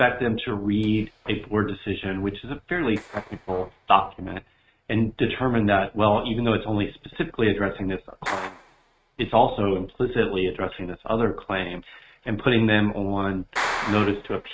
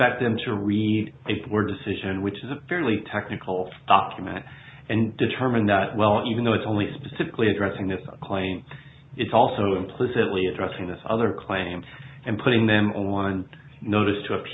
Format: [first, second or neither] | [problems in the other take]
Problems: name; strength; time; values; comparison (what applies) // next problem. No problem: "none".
second | noise reduction (neural mask model RNNoise)